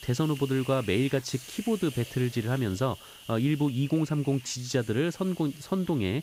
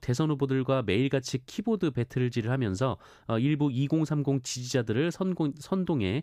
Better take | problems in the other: second | hiss; noticeable; throughout; 15 dB below the speech

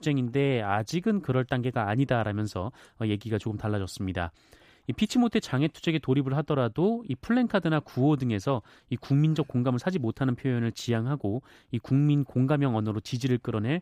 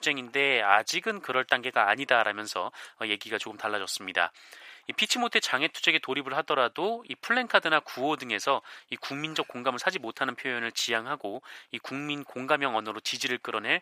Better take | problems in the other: first | thin; very; fading below 800 Hz

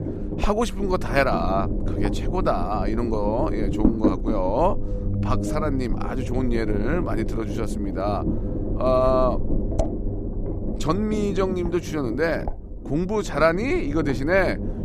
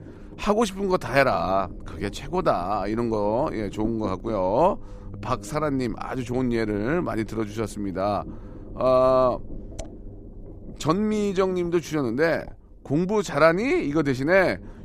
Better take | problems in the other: second | low rumble; loud; throughout; 9 dB below the speech; faint in the second

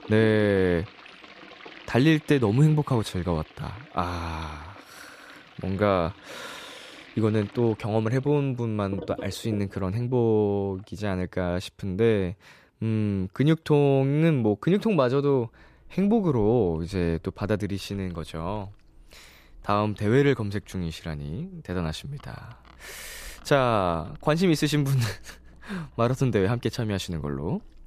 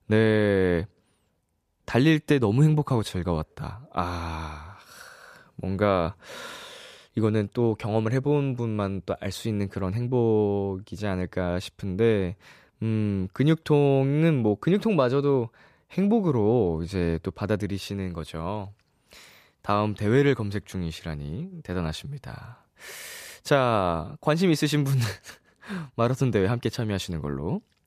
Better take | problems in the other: second | household noises; faint; throughout; 20 dB below the speech

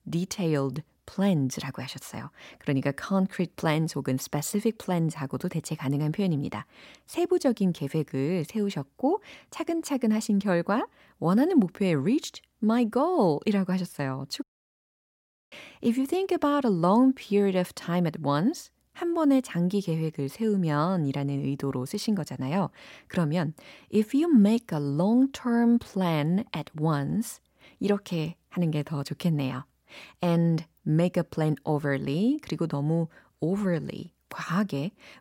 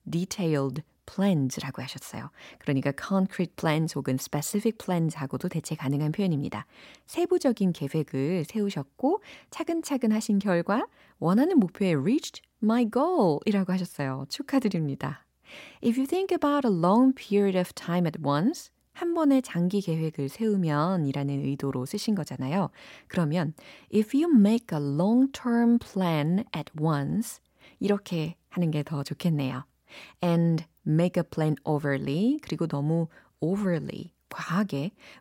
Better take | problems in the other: second | audio cutting out; at 14 s for 1 s

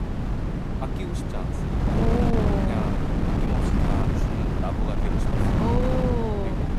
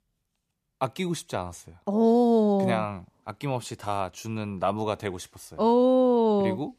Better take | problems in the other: second | wind noise on the microphone; heavy; 2 dB above the speech

